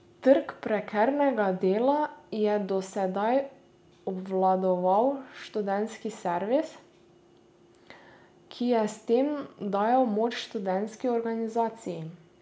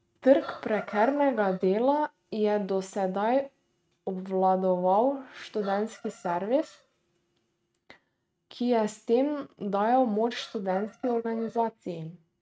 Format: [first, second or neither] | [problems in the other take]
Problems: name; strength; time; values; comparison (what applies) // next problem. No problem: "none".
first | noise reduction (neural mask model RNNoise)